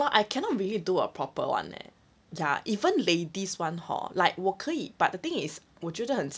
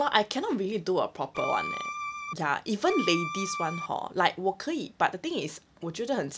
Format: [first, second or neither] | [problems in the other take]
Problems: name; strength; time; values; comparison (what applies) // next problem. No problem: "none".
first | background sound (Bowed string instrument); 5 dB below the speech